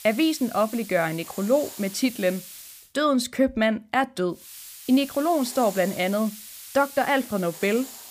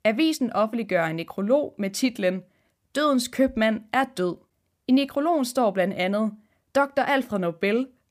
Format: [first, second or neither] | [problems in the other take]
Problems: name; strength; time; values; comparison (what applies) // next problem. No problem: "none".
second | hiss; noticeable; until 3 s and from 4.5 s on; 15 dB below the speech